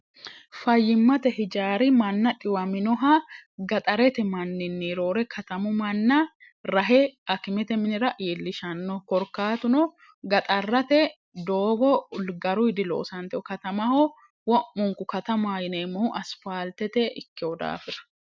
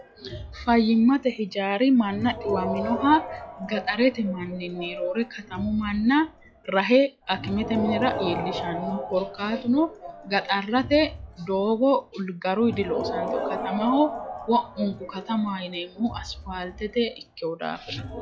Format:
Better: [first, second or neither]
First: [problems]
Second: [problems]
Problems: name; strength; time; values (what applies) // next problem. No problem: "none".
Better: first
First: none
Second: noise reduction (classical method log-MMSE)